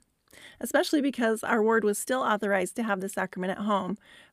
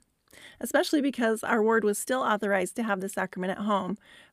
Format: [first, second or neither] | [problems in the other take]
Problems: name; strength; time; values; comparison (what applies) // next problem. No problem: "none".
neither | none